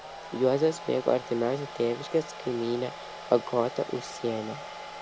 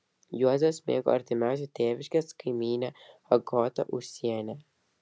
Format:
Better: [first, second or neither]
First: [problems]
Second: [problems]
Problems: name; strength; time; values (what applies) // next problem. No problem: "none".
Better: second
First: background sound (Domestic sounds, home sounds); 12 dB below the speech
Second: none